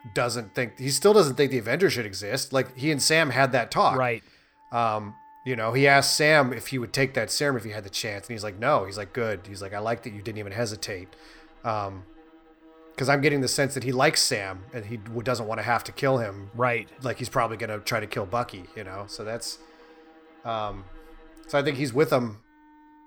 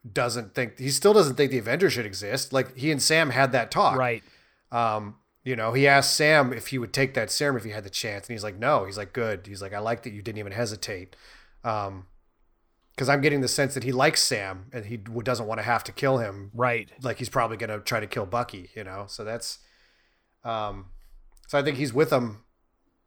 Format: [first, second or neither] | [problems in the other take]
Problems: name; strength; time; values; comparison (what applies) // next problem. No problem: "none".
second | background music; faint; throughout; 30 dB below the speech